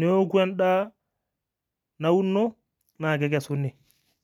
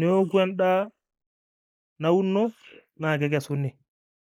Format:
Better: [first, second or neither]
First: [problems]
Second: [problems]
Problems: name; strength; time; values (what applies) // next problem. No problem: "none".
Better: first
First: none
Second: noise reduction (neural mask model Resemble Enhance denoiser)